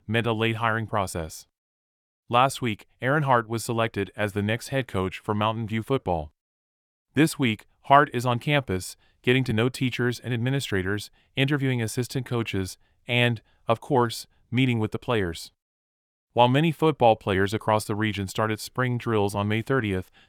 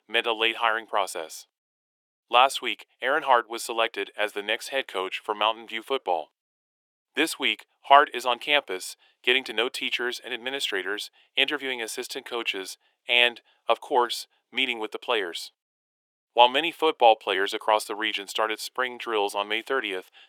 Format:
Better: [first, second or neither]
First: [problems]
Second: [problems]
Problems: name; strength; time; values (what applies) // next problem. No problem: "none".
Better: first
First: none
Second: thin; very; fading below 400 Hz